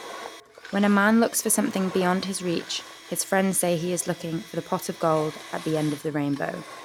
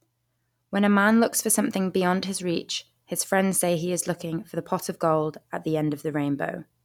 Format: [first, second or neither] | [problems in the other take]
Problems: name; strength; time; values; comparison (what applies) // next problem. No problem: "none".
second | background sound (Engine + Domestic sounds, home sounds); 17 dB below the speech